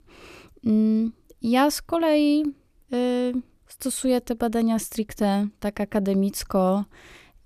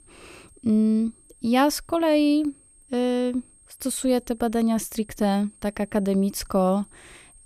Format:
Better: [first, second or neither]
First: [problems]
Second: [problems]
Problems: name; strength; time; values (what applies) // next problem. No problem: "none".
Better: first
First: none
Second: high-pitched whine; faint; throughout; 8.5 kHz, 30 dB below the speech